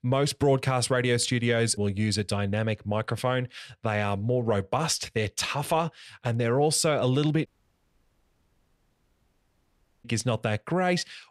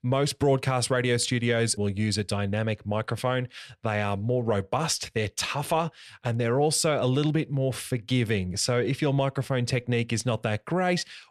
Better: second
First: audio cutting out; at 7.5 s for 2.5 s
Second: none

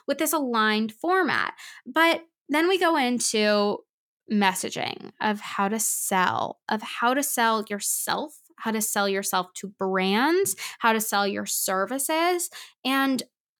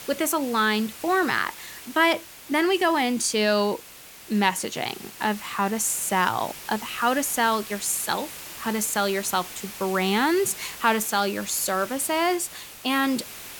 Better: first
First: none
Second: hiss; noticeable; throughout; 15 dB below the speech

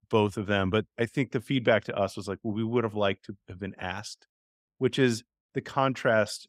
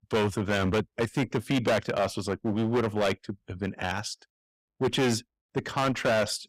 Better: first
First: none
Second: distortion; heavy; 12% of the sound clipped

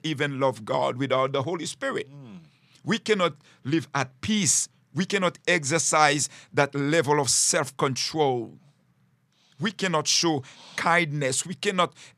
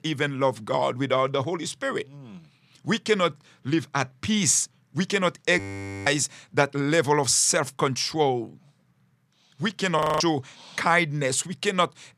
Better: first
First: none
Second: audio freezing; at 5.5 s and at 10 s

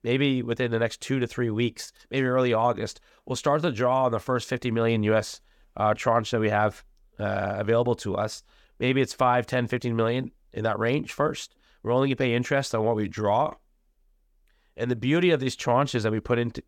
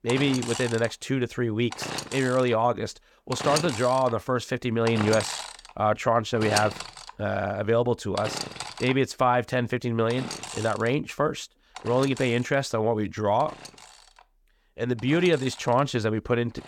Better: first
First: none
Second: machinery noise; loud; throughout; 9 dB below the speech

